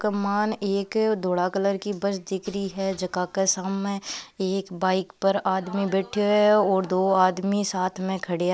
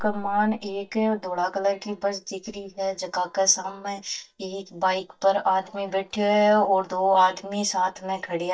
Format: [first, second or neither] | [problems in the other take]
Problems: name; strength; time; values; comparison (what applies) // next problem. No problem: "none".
first | noise reduction (neural mask model DeepFilterNet 3)